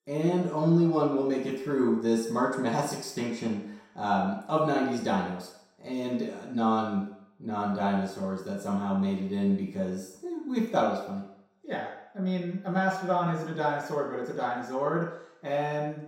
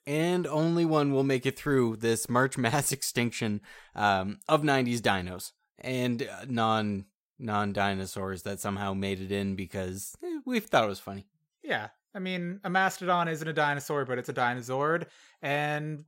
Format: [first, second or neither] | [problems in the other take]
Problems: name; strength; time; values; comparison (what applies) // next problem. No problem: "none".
second | room echo; noticeable; dies away in 0.7 s // off-mic speech; far